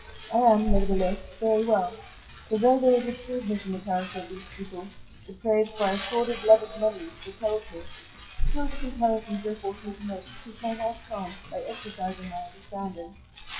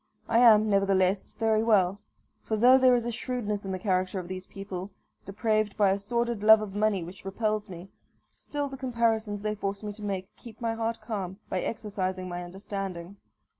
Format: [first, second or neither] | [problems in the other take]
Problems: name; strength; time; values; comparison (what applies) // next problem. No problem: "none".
second | noise reduction (classical method WPE with log-MMSE)